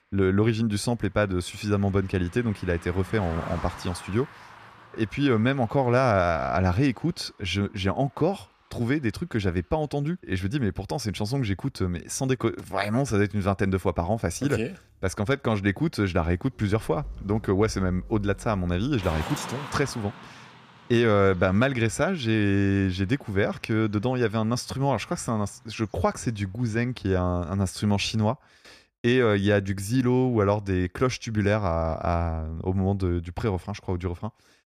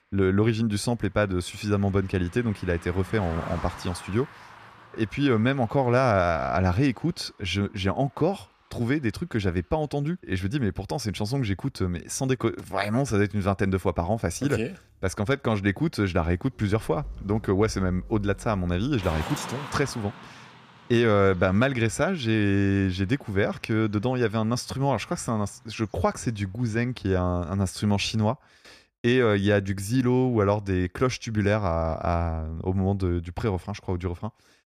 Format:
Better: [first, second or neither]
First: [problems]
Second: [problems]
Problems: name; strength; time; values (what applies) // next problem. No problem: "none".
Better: neither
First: traffic noise; noticeable; until 27 s; 15 dB below the speech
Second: traffic noise; noticeable; until 27 s; 15 dB below the speech